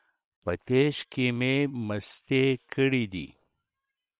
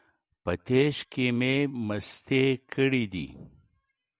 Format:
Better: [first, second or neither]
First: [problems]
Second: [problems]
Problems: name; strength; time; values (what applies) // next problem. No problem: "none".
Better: second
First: noise reduction (neural separator model SepFormer WHAM!)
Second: none